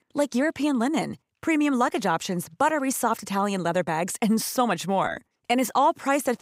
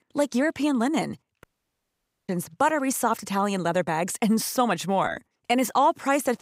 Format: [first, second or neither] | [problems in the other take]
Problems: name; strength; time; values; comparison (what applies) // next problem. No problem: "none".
first | audio cutting out; at 1.5 s for 1 s